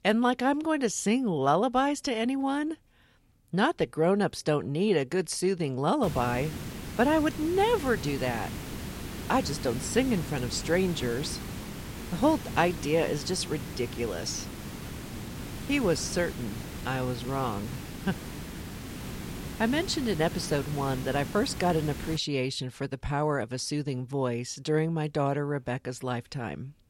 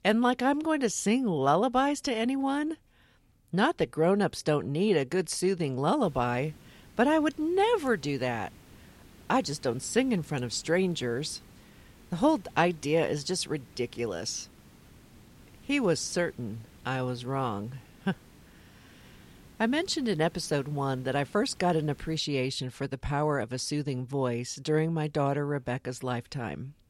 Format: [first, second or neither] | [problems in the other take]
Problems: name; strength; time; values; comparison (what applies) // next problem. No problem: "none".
second | hiss; loud; from 6 to 22 s; 10 dB below the speech; faint in the second